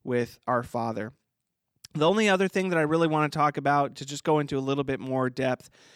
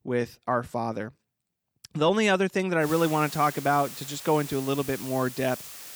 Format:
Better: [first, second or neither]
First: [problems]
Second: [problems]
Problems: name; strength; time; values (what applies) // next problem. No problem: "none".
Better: first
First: none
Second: hiss; very faint; from 3 s on; 10 dB below the speech